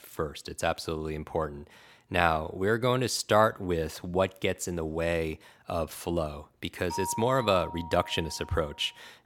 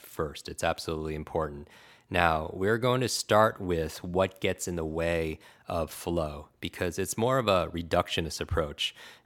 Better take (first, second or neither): second